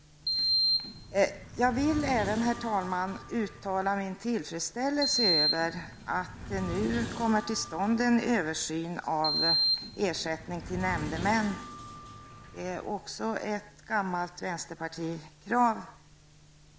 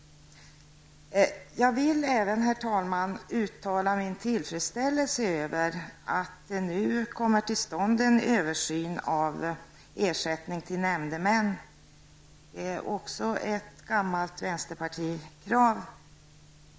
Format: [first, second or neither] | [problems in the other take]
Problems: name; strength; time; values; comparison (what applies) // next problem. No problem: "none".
second | background sound (Sliding door); 3 dB below the speech